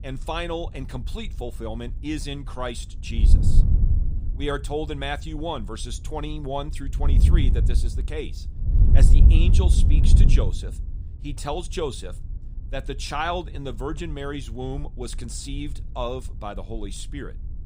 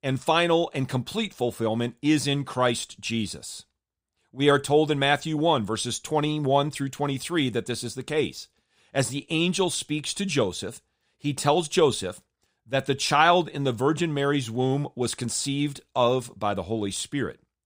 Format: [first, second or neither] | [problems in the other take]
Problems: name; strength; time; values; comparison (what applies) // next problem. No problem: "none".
second | wind noise on the microphone; heavy; 6 dB below the speech